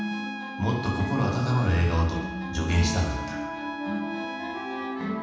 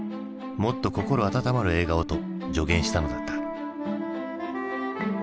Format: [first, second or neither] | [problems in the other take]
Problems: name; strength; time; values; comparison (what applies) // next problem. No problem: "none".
second | background sound (Trumpet); 12 dB below the speech // room echo; dies away in 1.1 s